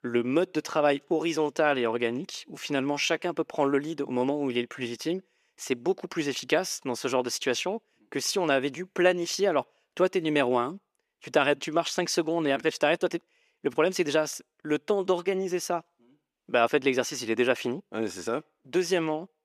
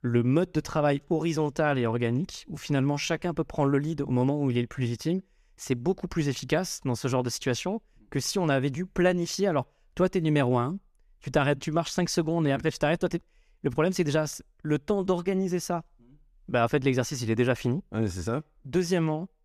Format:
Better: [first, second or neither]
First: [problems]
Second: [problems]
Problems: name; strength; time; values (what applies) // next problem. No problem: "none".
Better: second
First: thin; somewhat; fading below 350 Hz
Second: none